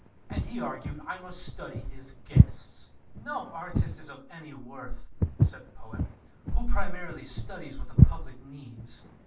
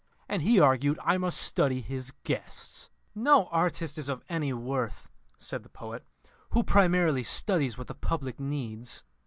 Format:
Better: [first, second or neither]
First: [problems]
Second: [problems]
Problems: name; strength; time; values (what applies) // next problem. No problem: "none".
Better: second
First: background sound (Walk, footsteps); 3 dB above the speech // room echo; dies away in 0.4 s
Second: none